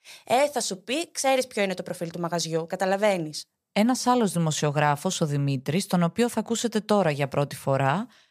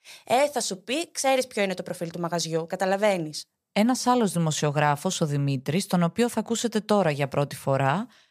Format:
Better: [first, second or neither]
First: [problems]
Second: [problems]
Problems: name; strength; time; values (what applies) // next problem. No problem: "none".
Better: neither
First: none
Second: none